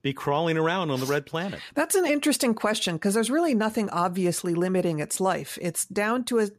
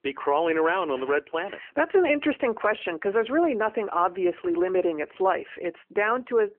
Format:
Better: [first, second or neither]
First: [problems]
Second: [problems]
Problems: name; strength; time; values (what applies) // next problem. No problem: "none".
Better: first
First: none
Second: phone-call audio; nothing above 3 kHz